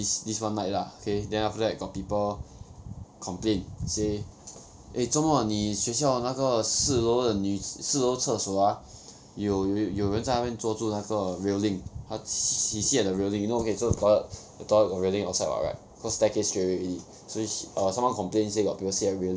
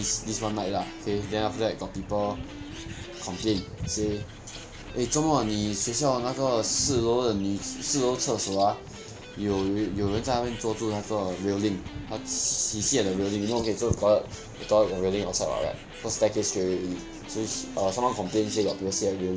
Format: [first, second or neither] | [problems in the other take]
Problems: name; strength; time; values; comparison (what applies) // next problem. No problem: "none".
first | background sound (Bird + Electric guitar); 13 dB below the speech